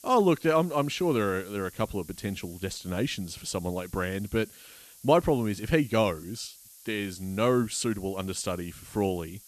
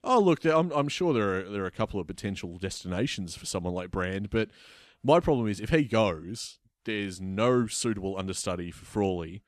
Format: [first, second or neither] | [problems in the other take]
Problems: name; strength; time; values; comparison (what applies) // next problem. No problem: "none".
second | hiss; noticeable; throughout; 20 dB below the speech